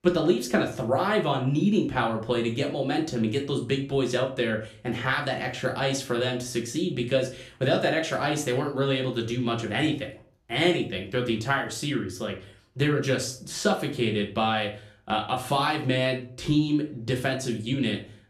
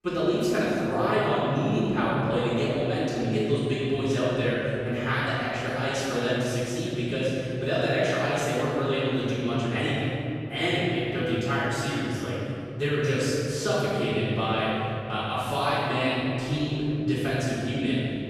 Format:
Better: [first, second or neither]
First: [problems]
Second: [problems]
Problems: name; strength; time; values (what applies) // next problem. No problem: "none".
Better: first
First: room echo; slight; dies away in 0.3 s // off-mic speech; somewhat distant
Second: room echo; strong; dies away in 3 s // off-mic speech; far